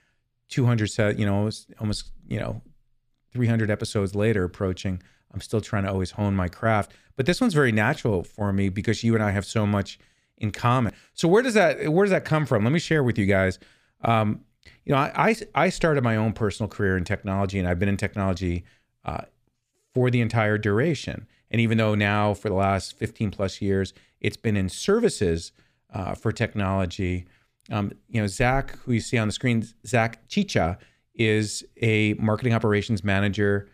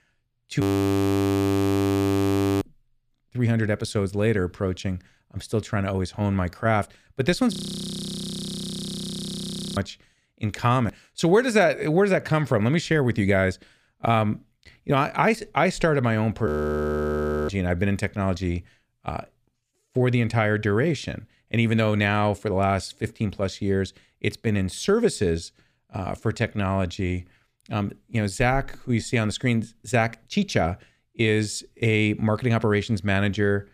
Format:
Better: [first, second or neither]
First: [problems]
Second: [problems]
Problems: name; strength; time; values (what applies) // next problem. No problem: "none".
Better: first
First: none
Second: audio freezing; at 0.5 s for 2 s, at 7.5 s for 2 s and at 16 s for 1 s